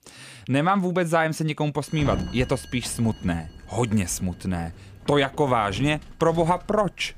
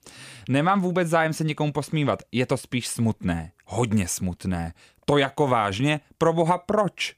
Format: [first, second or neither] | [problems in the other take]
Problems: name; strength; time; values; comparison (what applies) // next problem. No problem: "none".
second | door banging; noticeable; from 2 s on; peak 5 dB below the speech